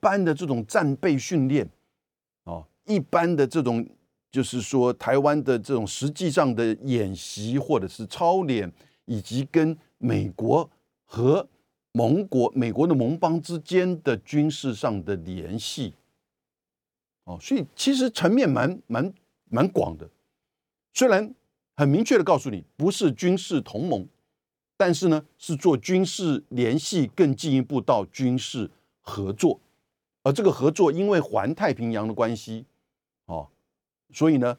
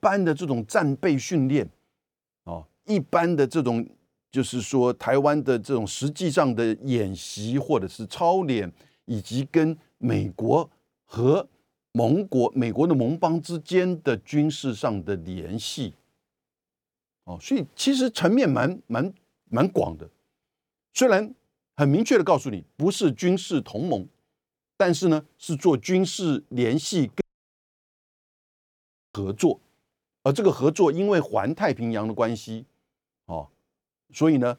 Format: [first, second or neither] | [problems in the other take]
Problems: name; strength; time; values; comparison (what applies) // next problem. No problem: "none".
first | audio cutting out; at 27 s for 2 s